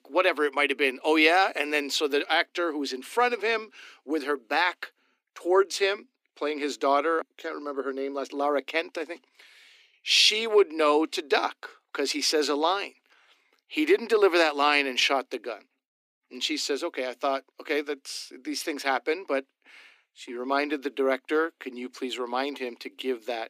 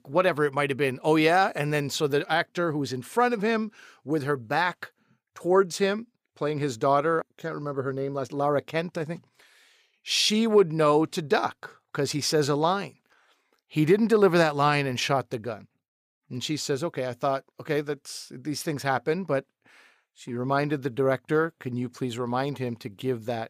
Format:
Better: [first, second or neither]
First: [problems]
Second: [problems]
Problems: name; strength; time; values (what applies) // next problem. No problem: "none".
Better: second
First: thin; very slightly; fading below 250 Hz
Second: none